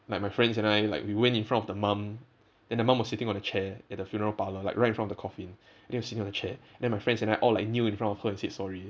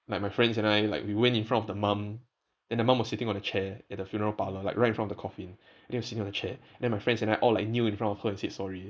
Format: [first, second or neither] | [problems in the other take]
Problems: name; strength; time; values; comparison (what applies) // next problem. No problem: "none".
first | noise reduction (neural mask model Resemble Enhance denoiser)